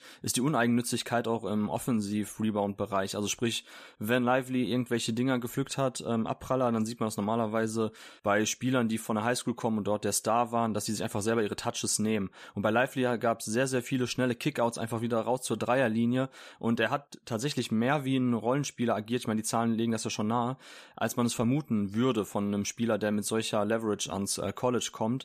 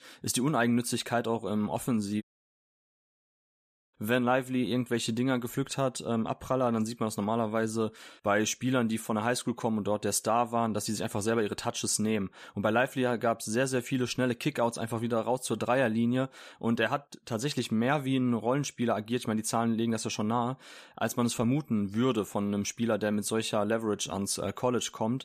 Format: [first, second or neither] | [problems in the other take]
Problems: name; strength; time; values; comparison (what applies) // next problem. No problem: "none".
first | audio cutting out; at 2 s for 1.5 s